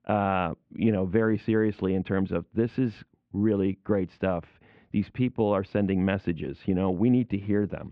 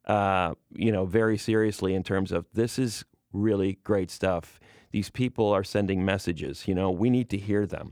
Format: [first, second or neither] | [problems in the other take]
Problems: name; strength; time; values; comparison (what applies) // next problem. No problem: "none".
second | muffled; very; fading above 3 kHz